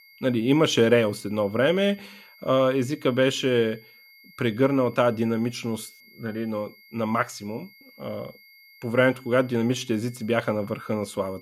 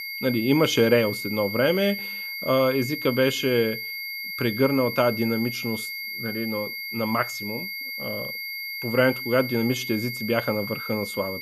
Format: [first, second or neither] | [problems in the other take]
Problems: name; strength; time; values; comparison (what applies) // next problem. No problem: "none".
first | high-pitched whine; loud; throughout; 2 kHz, 6 dB below the speech; faint in the first